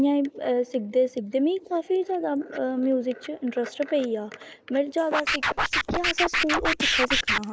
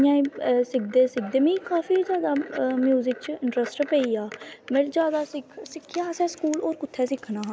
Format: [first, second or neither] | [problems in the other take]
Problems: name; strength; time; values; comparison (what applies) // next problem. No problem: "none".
second | noise reduction (neural mask model Resemble Enhance denoiser)